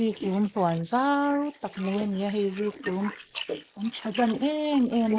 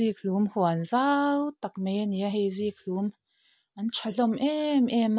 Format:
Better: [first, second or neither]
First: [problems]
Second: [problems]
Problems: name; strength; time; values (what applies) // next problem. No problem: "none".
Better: second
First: noise reduction (neural mask model Resemble Enhance denoiser)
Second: none